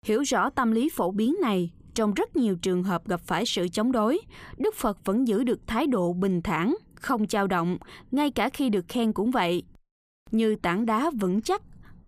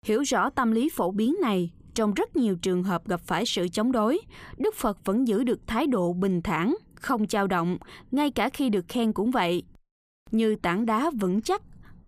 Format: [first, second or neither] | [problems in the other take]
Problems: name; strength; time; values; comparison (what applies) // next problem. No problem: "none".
neither | none